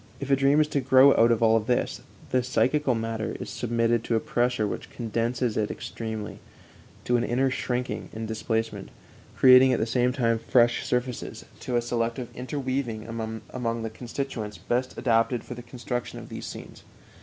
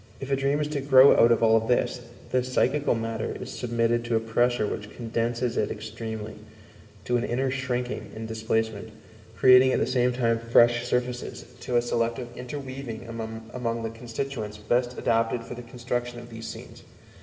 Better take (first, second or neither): first